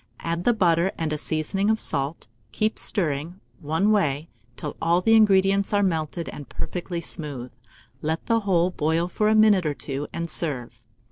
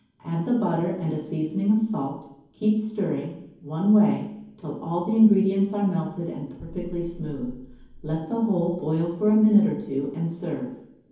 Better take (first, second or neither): first